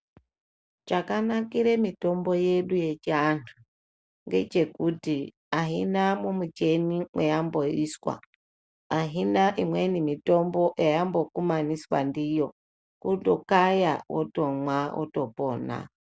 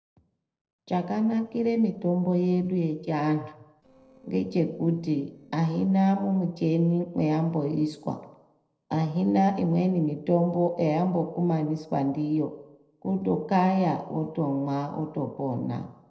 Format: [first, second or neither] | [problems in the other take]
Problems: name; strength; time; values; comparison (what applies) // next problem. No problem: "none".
first | noise reduction (neural separator model SepFormer DNS4)